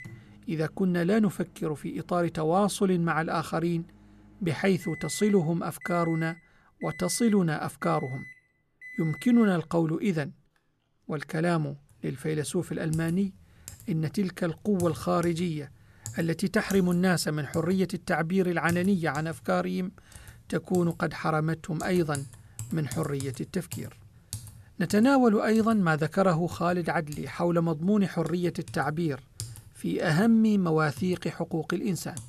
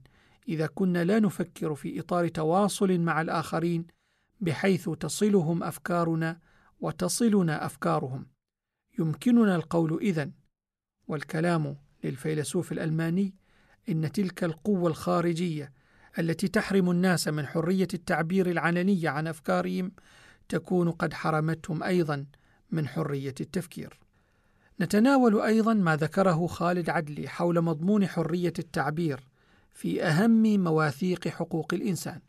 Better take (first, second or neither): second